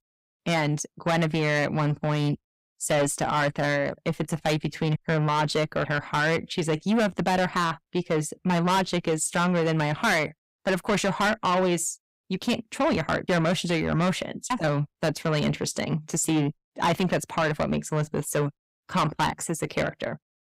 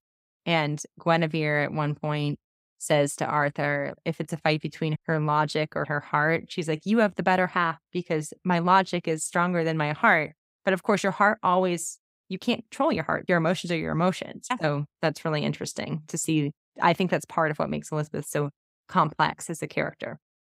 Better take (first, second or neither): second